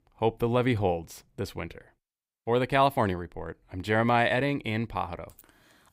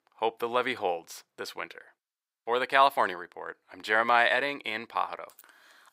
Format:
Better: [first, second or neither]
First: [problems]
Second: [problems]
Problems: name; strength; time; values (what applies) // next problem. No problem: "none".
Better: first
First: none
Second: thin; very; fading below 500 Hz